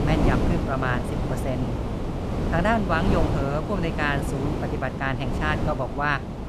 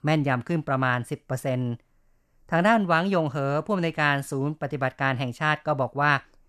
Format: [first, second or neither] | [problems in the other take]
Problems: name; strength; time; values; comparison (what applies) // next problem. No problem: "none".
second | wind noise on the microphone; heavy; 5 dB below the speech